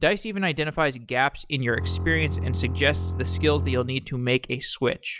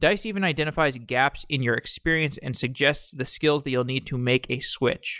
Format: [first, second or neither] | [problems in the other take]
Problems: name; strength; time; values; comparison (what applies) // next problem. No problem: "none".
second | background sound (Bowed string instrument); 3 dB below the speech